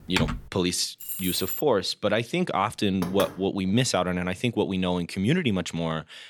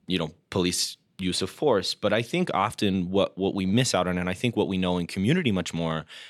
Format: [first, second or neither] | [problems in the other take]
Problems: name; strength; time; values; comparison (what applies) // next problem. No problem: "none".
second | keyboard typing; noticeable; at the start; peak 2 dB below the speech // jangling keys; noticeable; at 1 s; peak 4 dB below the speech // door banging; noticeable; at 3 s; peak 7 dB below the speech